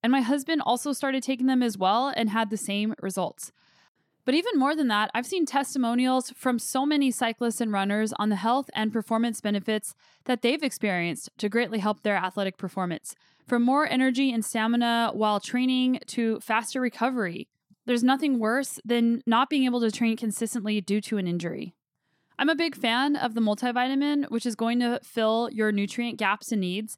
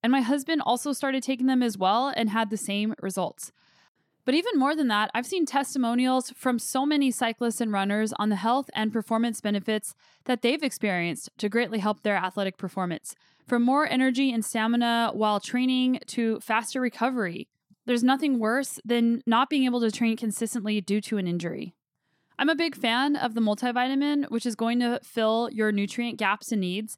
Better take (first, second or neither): neither